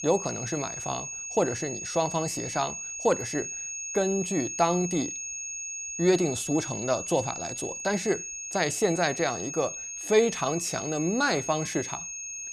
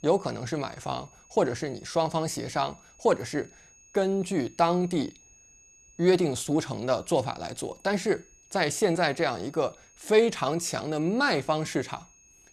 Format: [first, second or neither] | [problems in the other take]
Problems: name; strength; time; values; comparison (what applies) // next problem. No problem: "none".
second | high-pitched whine; loud; throughout; 6.5 kHz, 5 dB below the speech; faint in the second